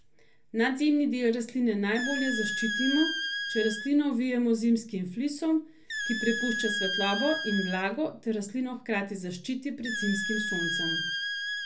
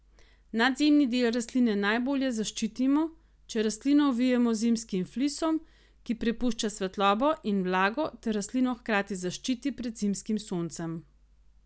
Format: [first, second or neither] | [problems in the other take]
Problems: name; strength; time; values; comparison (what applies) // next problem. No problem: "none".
second | background sound (Squeak); 5 dB below the speech // room echo; dies away in 0.3 s